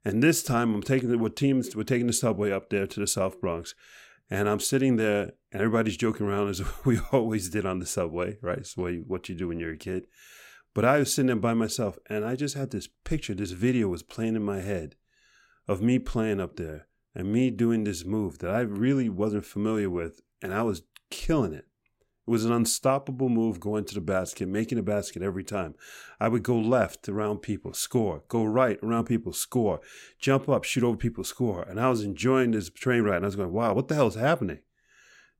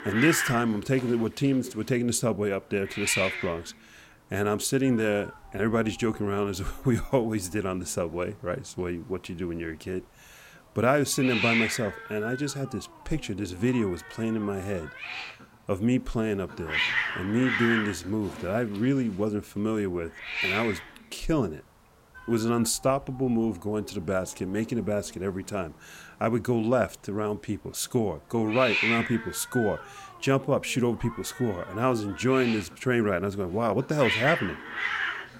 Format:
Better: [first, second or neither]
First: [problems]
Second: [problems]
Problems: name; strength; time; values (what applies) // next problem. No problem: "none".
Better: first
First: none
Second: hiss; loud; throughout; 3 dB below the speech